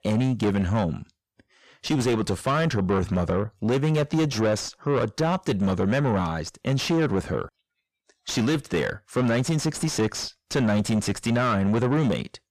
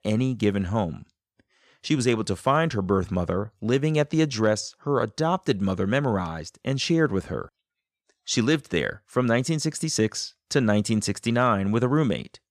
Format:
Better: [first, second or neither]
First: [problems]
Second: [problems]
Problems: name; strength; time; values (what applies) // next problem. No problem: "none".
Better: second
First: distortion; heavy; 8 dB below the speech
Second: none